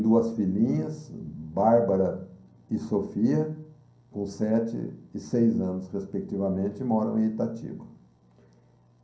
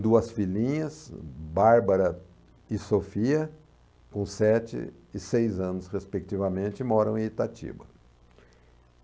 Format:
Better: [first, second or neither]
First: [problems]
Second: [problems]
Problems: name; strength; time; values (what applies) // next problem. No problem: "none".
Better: second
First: room echo; dies away in 0.6 s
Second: none